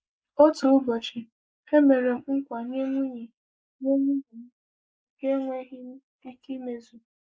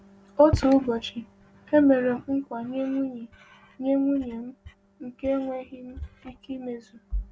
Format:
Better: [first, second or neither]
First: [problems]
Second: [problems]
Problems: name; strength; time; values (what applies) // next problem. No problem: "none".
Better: second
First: noise reduction (neural mask model Resemble Enhance denoiser)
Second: none